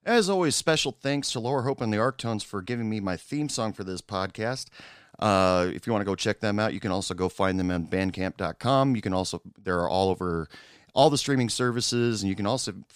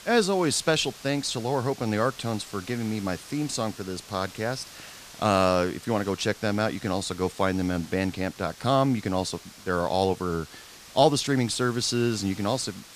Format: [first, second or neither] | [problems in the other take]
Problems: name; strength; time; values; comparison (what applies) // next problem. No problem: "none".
first | hiss; noticeable; throughout; 20 dB below the speech